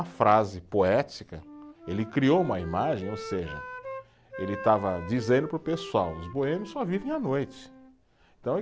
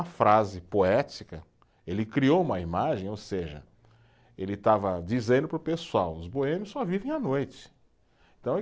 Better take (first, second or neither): second